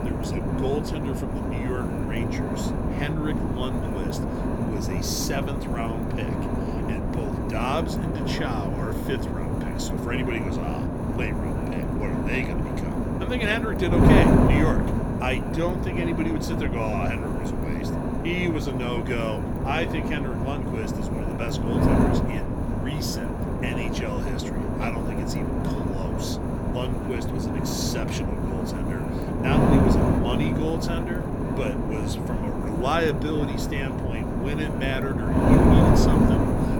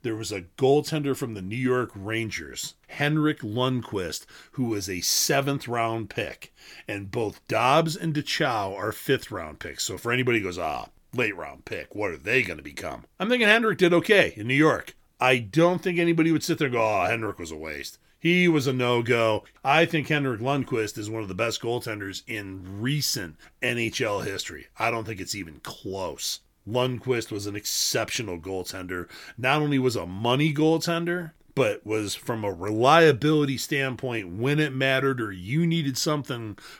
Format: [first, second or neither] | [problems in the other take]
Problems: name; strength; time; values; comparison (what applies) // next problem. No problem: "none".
second | wind noise on the microphone; heavy; 2 dB above the speech